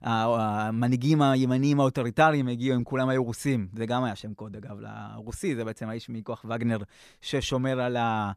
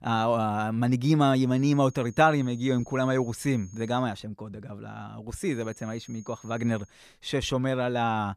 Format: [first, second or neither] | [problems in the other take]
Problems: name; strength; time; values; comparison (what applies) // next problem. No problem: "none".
first | high-pitched whine; faint; from 1.5 to 4 s and from 5.5 to 7 s; 6.5 kHz, 25 dB below the speech